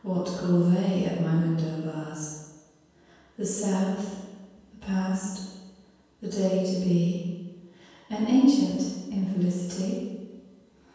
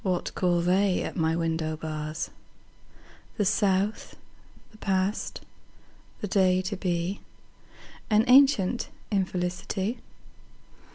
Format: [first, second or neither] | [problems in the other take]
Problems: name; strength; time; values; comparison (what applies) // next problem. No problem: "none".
second | room echo; dies away in 1.2 s